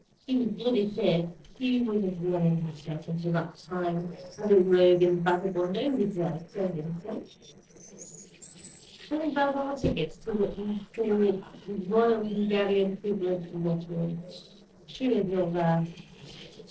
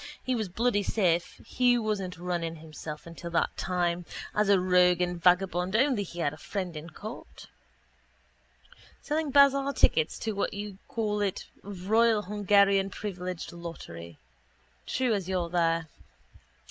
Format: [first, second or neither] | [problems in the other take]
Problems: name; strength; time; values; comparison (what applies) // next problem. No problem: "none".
second | noise reduction (neural separator model SepFormer DNS4)